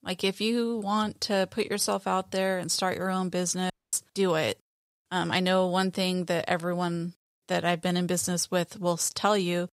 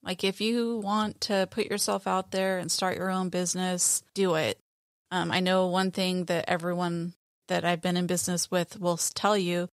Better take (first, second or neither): second